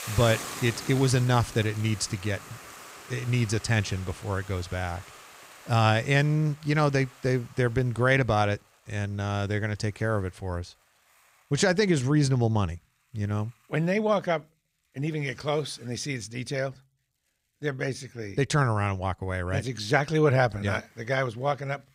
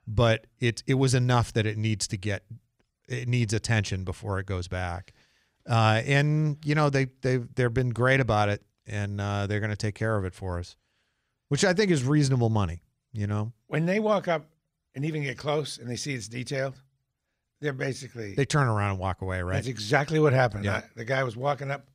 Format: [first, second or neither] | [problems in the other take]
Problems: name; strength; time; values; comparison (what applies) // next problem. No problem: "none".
second | hiss; noticeable; throughout; 15 dB below the speech